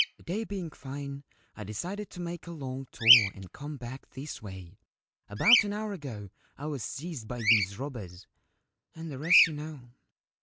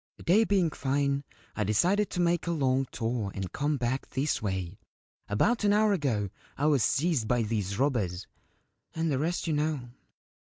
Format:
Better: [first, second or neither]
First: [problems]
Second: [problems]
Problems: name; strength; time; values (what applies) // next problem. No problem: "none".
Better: second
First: background sound (Bird vocalization, bird call, bird song); 3 dB above the speech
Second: none